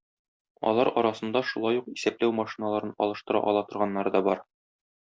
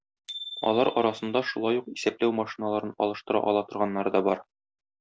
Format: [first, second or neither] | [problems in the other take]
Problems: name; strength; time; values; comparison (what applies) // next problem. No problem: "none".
first | background sound (Bicycle bell); 17 dB below the speech